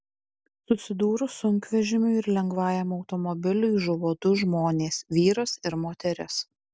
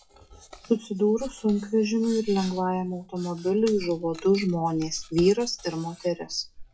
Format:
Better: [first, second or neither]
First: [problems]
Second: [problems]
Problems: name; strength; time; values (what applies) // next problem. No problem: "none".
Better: first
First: none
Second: noise reduction (classical method WPE with log-MMSE)